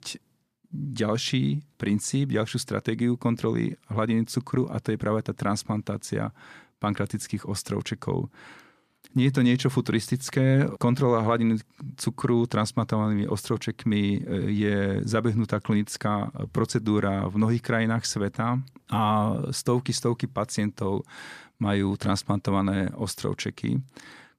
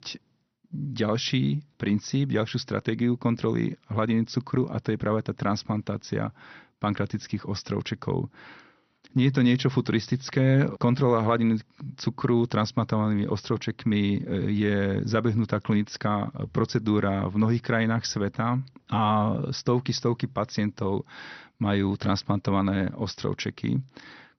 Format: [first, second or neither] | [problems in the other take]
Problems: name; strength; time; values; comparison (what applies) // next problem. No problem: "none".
first | garbled, watery; slightly; nothing above 6 kHz